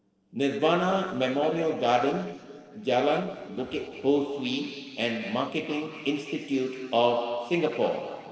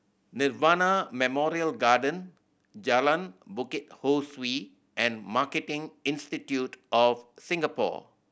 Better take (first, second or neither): second